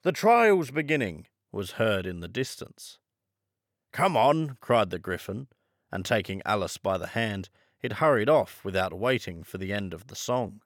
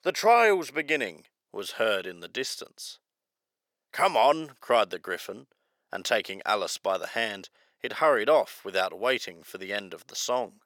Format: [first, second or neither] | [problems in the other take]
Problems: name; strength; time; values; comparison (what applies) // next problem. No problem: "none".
first | thin; somewhat; fading below 400 Hz